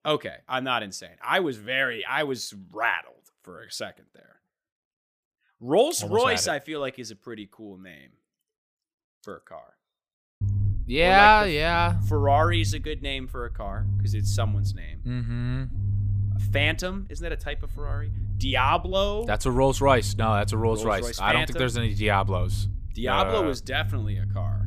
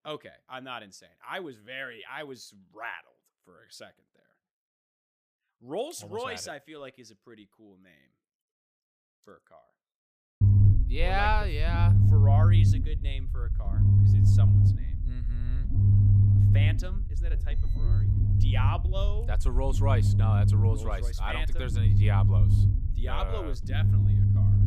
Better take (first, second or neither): first